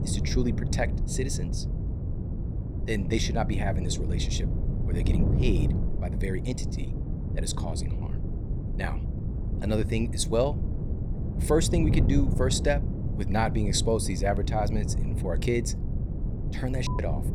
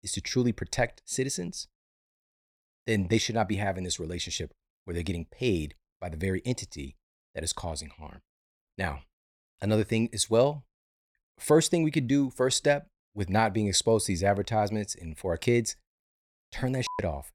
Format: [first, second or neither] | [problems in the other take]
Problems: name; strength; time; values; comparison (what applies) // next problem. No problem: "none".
second | wind noise on the microphone; heavy; 10 dB below the speech